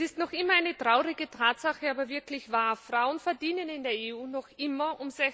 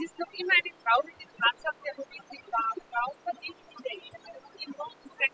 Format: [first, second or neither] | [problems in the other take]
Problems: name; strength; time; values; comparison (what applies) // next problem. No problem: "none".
first | noise reduction (classical method spectral subtraction)